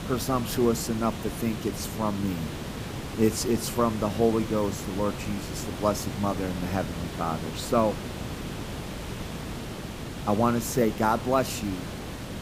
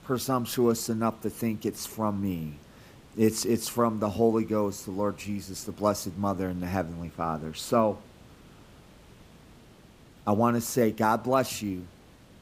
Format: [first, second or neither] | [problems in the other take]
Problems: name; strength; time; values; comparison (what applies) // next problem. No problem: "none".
second | hiss; loud; throughout; 8 dB below the speech; faint in the second